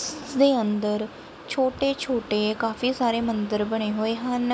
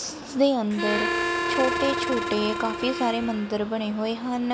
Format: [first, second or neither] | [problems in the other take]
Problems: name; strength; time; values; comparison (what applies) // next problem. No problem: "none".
first | background sound (Harmonica); 2 dB below the speech